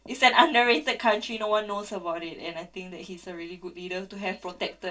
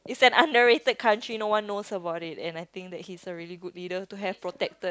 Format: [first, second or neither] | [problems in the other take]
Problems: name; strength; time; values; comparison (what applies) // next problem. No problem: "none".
second | room echo; dies away in 0.2 s